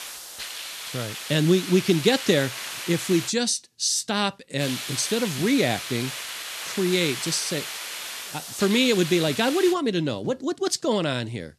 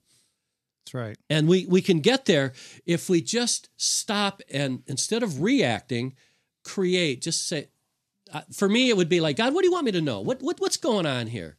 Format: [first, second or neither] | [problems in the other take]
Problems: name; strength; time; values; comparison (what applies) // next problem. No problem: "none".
second | hiss; loud; until 3.5 s and from 4.5 to 9.5 s; 8 dB below the speech